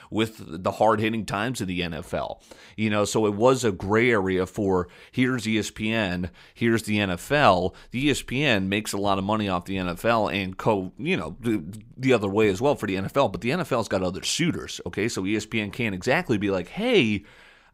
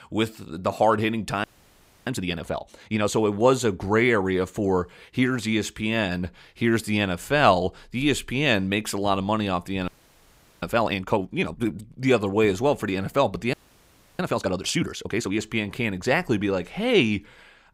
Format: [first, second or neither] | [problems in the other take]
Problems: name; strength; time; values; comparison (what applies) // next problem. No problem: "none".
first | audio freezing; at 1.5 s for 0.5 s, at 10 s for 0.5 s and at 14 s for 0.5 s